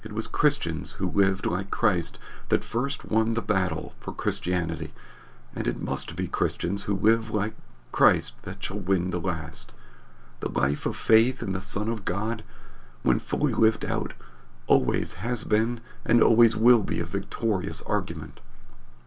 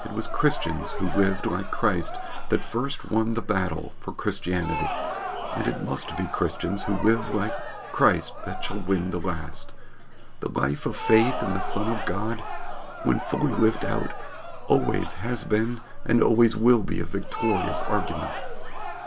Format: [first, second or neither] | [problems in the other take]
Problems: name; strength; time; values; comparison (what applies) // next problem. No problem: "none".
first | background sound (Crowd); 10 dB below the speech